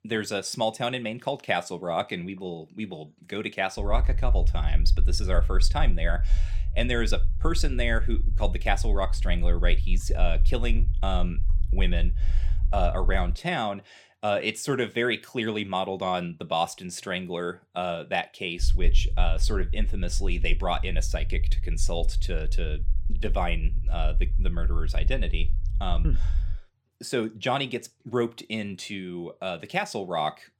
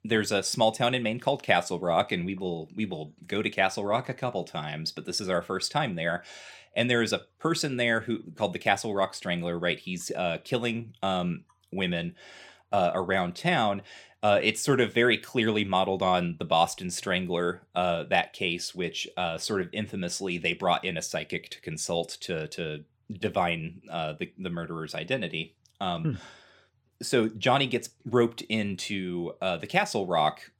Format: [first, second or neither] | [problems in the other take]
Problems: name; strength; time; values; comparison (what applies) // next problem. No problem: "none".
second | low rumble; faint; from 4 to 13 s and from 19 to 27 s; 20 dB below the speech